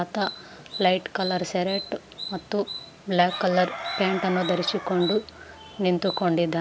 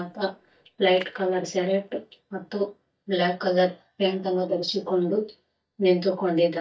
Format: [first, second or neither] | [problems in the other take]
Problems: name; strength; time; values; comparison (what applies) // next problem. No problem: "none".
first | noise reduction (neural mask model DeepFilterNet 3)